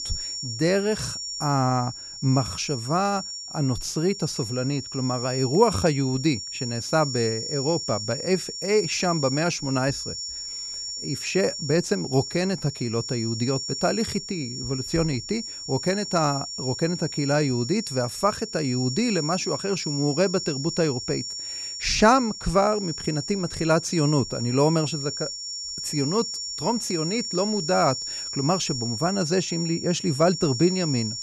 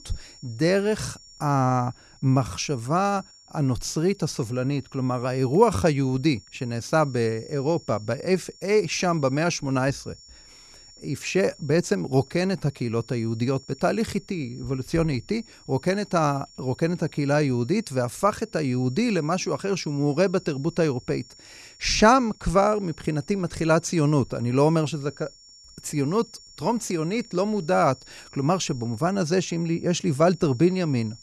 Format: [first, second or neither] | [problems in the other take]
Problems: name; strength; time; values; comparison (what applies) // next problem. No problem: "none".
second | high-pitched whine; loud; throughout; 5.5 kHz, 6 dB below the speech; faint in the second